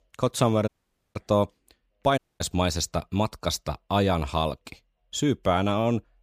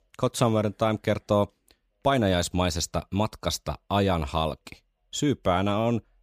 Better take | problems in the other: second | audio cutting out; at 0.5 s and at 2 s

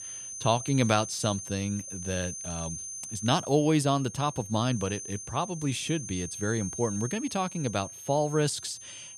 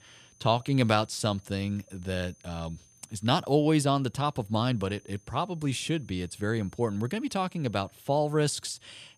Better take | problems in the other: second | high-pitched whine; loud; throughout; 6.5 kHz, 9 dB below the speech; faint in the second

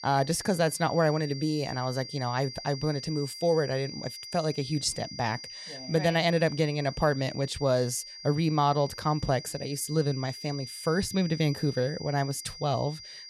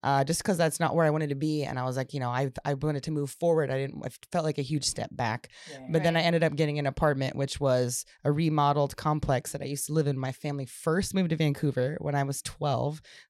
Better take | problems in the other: second | high-pitched whine; noticeable; throughout; 5 kHz, 10 dB below the speech

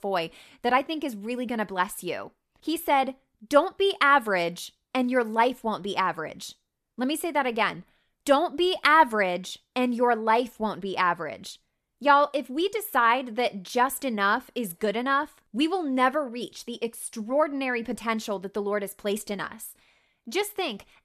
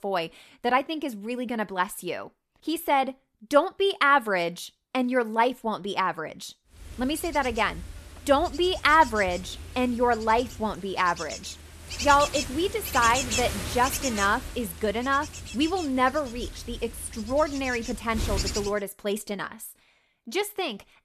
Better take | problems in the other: first | wind noise on the microphone; occasional gusts; from 7 to 19 s; 10 dB below the speech

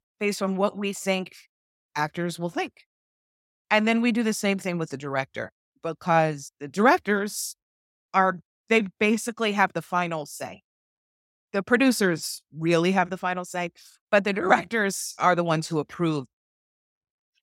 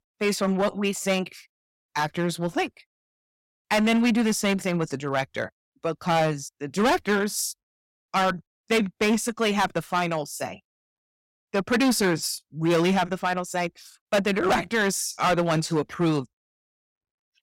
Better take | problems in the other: first | distortion; heavy; 7% of the sound clipped

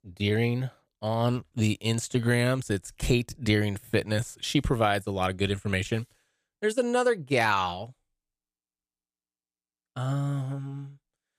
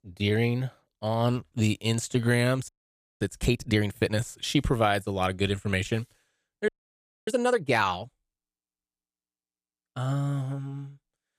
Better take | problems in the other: first | audio freezing; at 2.5 s for 0.5 s and at 6.5 s for 0.5 s

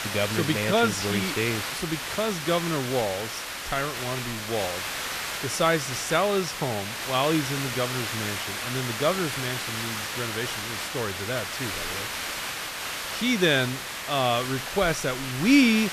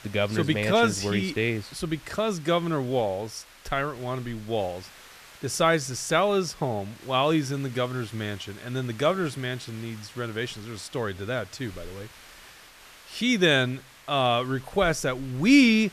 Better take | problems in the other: second | hiss; loud; throughout; 4 dB below the speech; faint in the second

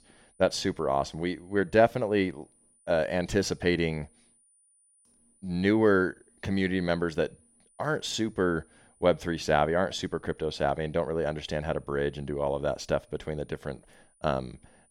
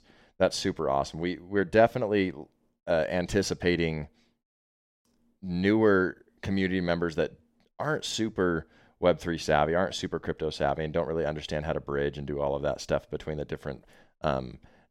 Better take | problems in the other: second | high-pitched whine; faint; throughout; 9.5 kHz, 35 dB below the speech

